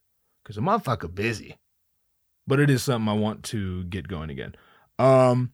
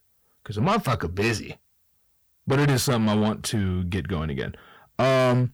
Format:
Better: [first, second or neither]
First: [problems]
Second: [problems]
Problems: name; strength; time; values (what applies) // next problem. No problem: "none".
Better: first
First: none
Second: distortion; heavy; 6 dB below the speech